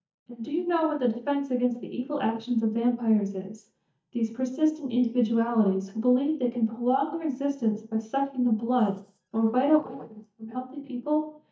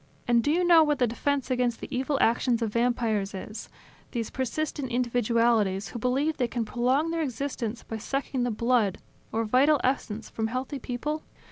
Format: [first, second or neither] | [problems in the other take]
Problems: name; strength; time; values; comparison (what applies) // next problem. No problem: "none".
second | noise reduction (neural mask model DeepFilterNet 3)